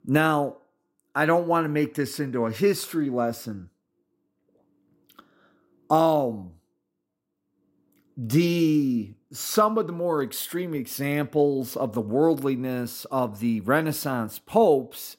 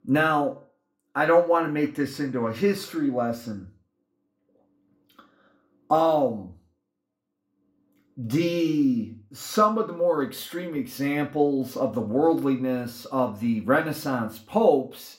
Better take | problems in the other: first | room echo; slight; dies away in 0.3 s // off-mic speech; somewhat distant

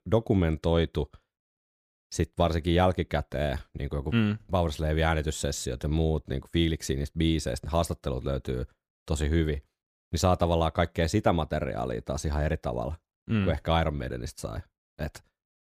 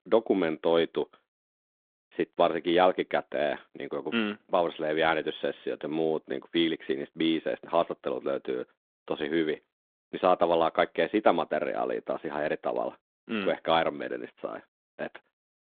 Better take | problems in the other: first | phone-call audio; nothing above 3.5 kHz

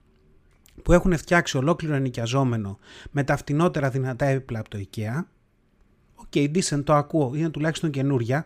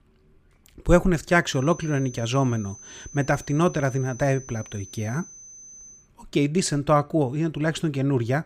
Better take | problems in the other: first | high-pitched whine; noticeable; from 1.5 to 6 s; 6 kHz, 20 dB below the speech

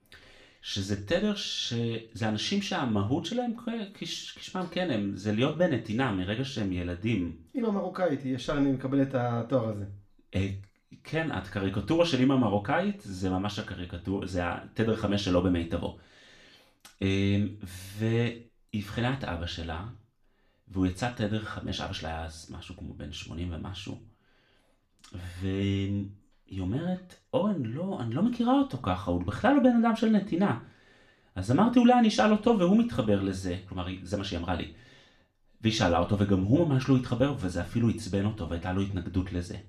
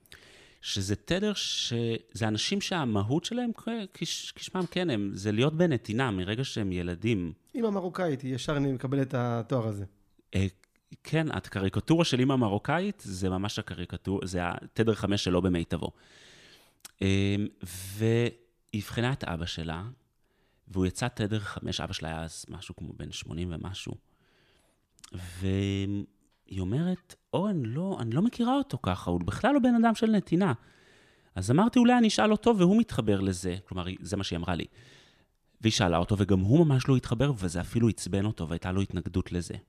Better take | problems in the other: second | room echo; slight; dies away in 0.3 s // off-mic speech; somewhat distant

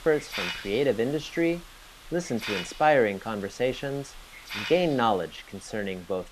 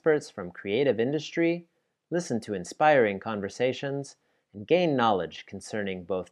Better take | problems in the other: second | hiss; noticeable; throughout; 10 dB below the speech

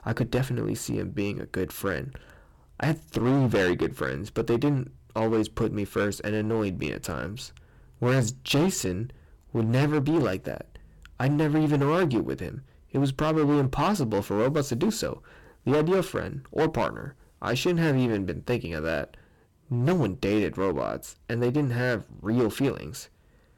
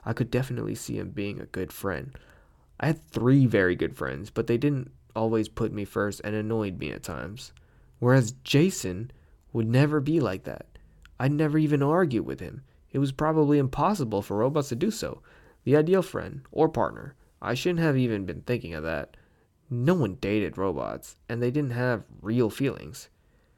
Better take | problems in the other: second | distortion; heavy; 10% of the sound clipped

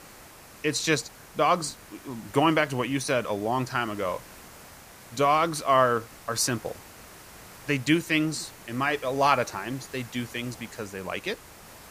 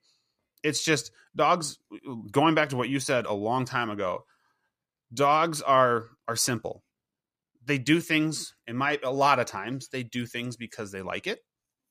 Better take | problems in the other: second | hiss; noticeable; throughout; 20 dB below the speech

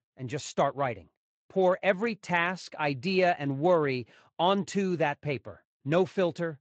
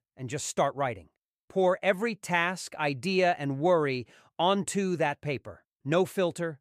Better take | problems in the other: second | garbled, watery; slightly; nothing above 7.5 kHz

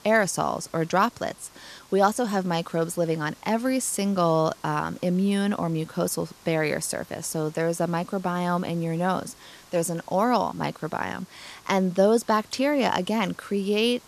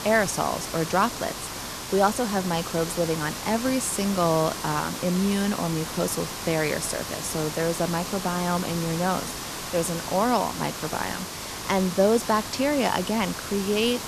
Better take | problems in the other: first | hiss; loud; throughout; 6 dB below the speech; faint in the first

